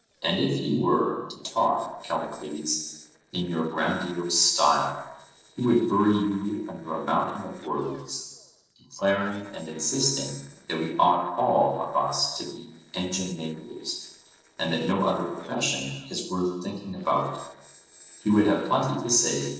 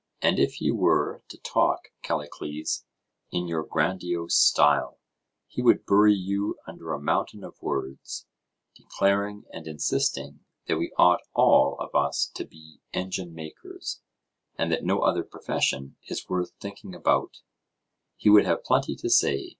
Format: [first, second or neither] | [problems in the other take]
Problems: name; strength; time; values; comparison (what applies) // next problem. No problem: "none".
second | noise reduction (neural separator model SepFormer DNS4)